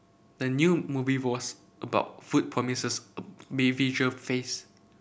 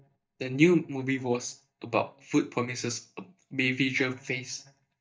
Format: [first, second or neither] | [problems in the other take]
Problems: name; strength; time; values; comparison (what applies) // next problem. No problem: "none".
first | noise reduction (neural mask model DeepFilterNet 3)